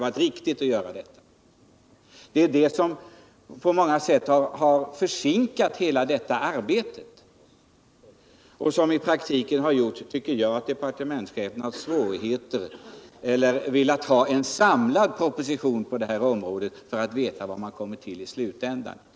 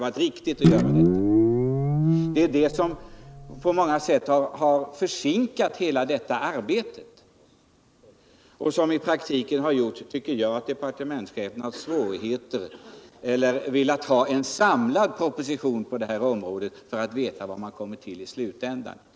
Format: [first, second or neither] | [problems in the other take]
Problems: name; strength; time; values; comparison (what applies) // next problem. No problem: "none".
first | background sound (Guitar); 3 dB above the speech